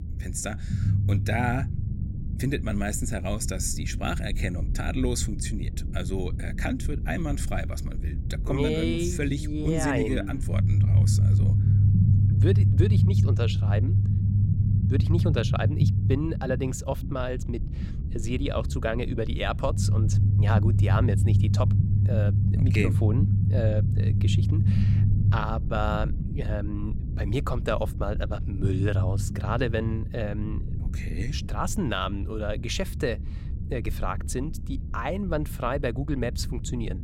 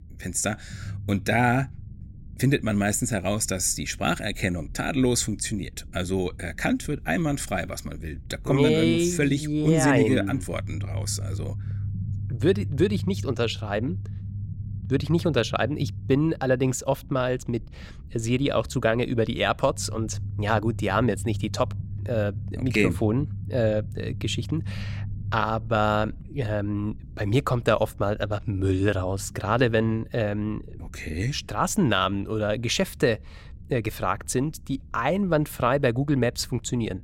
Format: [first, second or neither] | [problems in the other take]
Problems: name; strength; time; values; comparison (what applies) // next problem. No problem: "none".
second | low rumble; loud; throughout; 7 dB below the speech; faint in the second